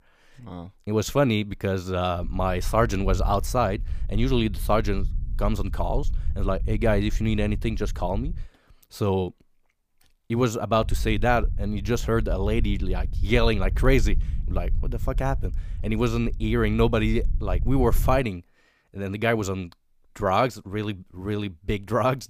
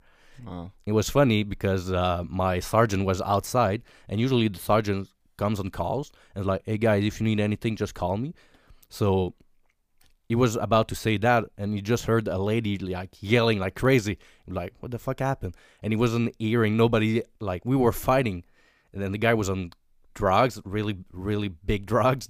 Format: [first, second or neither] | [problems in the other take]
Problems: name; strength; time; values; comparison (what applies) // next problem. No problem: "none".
second | low rumble; faint; from 2 to 8.5 s and from 11 to 18 s; 25 dB below the speech